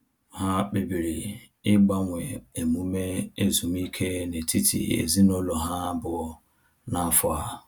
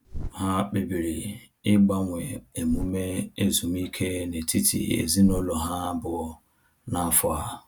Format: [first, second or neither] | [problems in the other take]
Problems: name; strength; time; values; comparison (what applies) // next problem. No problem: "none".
first | background sound (Bird); 15 dB below the speech